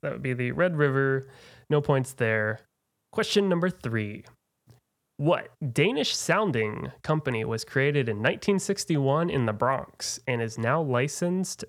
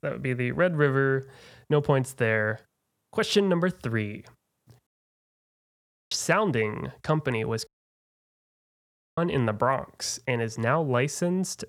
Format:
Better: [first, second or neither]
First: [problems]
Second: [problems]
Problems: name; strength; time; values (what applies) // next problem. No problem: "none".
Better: first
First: none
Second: audio cutting out; at 5 s for 1 s and at 7.5 s for 1.5 s